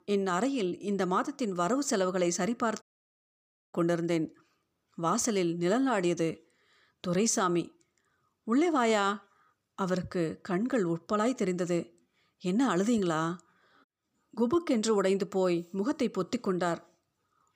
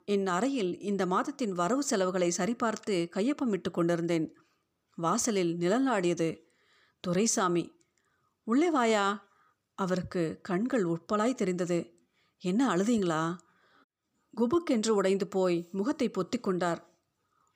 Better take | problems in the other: second | audio cutting out; at 3 s for 1 s

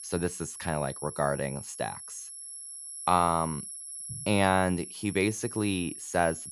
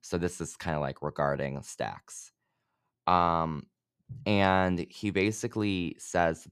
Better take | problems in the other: second | high-pitched whine; loud; throughout; 11 kHz, 10 dB below the speech

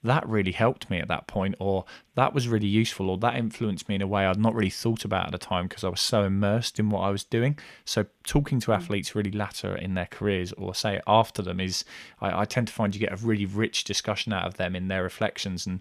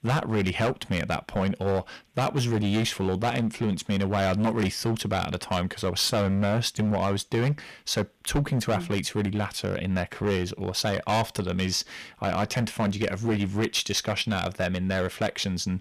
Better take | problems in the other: first | distortion; heavy; 12% of the sound clipped

